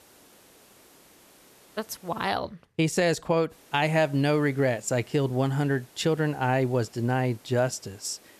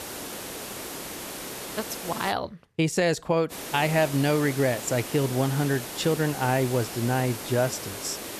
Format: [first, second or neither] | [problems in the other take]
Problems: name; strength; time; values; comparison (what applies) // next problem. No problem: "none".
first | hiss; loud; until 2.5 s and from 3.5 s on; 9 dB below the speech; faint in the first